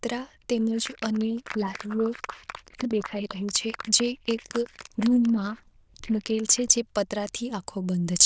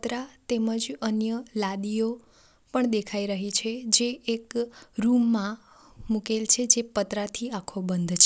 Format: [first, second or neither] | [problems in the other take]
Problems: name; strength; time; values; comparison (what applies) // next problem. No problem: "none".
second | noise reduction (neural diffusion model UNIVERSE++)